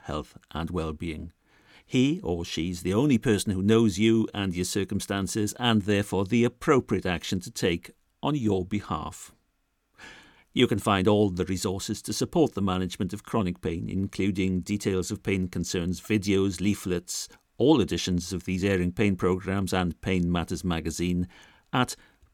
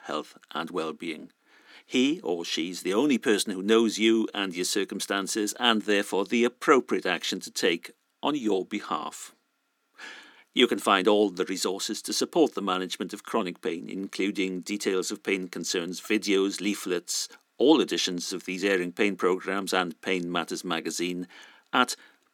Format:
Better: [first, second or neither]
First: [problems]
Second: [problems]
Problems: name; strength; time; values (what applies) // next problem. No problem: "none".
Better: first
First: none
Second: thin; very slightly; fading below 250 Hz